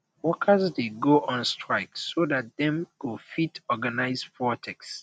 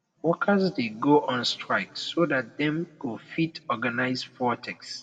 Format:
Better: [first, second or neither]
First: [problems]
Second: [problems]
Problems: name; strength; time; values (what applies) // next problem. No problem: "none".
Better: first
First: none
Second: room echo; dies away in 1.1 s